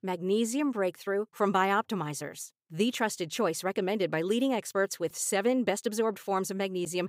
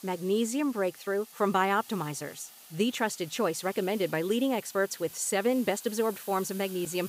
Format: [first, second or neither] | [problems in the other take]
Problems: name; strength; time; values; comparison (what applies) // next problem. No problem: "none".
first | hiss; noticeable; throughout; 15 dB below the speech